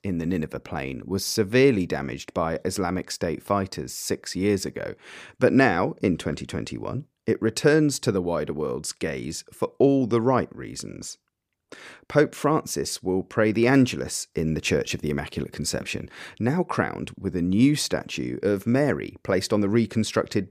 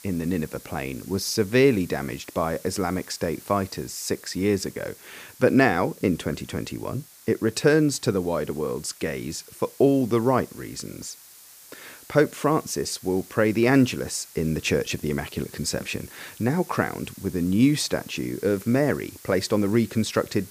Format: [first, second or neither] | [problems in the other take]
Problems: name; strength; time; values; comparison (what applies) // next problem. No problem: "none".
first | hiss; faint; throughout; 20 dB below the speech